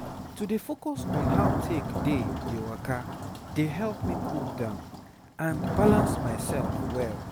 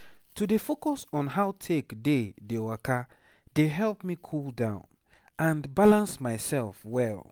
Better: second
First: background sound (Thunder / Rain); 1 dB above the speech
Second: none

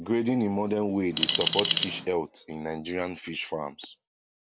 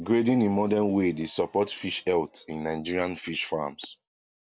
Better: second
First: background sound (Alarm); 1 dB below the speech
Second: none

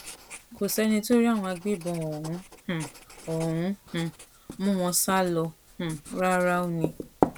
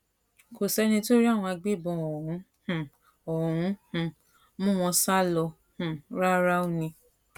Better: second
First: background sound (Writing); 10 dB below the speech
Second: none

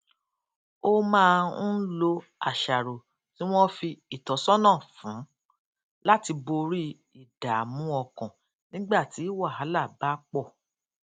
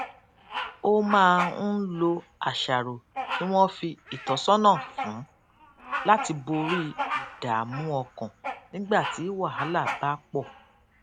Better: first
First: none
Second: background sound (Bird vocalization, bird call, bird song); 9 dB below the speech

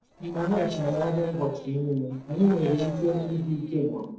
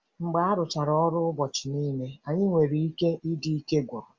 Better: second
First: noise reduction (neural separator model SepFormer DNS4)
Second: none

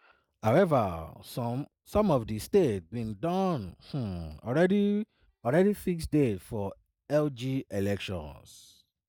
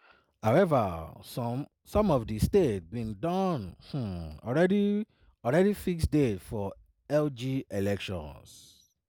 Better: second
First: noise reduction (neural mask model DeepFilterNet 3)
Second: none

